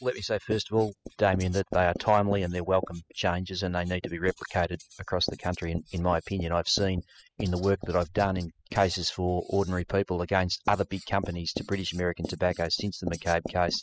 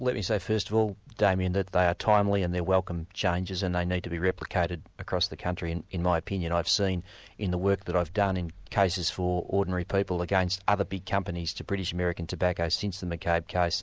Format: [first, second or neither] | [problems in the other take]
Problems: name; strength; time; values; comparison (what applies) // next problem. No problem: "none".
second | noise reduction (classical method spectral subtraction)